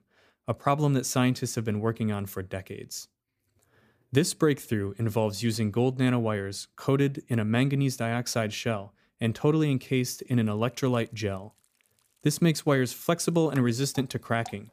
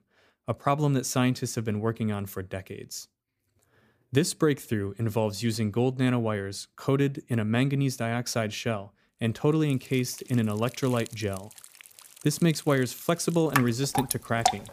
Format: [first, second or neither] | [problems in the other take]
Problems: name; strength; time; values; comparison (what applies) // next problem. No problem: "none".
first | rain or running water; loud; from 9.5 s on; 4 dB below the speech; faint in the first